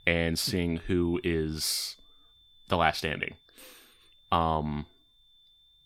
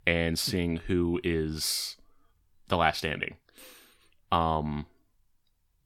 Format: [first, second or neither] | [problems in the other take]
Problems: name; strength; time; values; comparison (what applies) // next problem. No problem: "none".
second | high-pitched whine; faint; throughout; 3.5 kHz, 30 dB below the speech